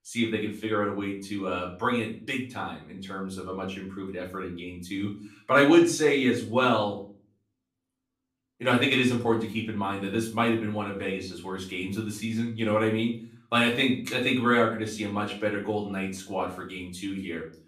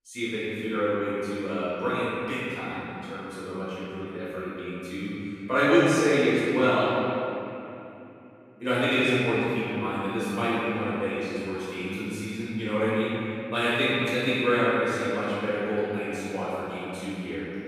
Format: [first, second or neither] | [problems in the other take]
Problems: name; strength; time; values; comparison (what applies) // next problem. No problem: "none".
first | room echo; strong; dies away in 2.8 s; slight in the first // off-mic speech; far; far in the first